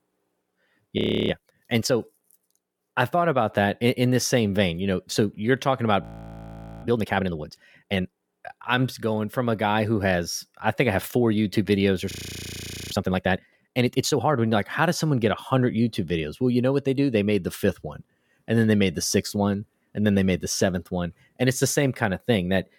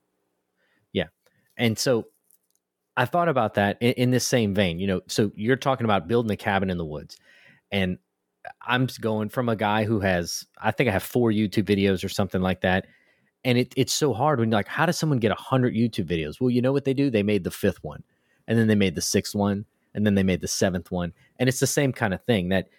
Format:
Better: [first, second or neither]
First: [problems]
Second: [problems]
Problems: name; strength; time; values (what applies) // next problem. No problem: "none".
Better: second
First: audio freezing; at 1 s, at 6 s for 1 s and at 12 s for 1 s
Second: none